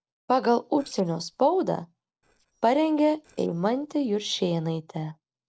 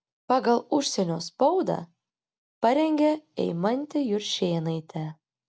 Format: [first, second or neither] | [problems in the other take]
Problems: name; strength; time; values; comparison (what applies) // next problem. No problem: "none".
second | noise reduction (neural separator model SepFormer DNS4)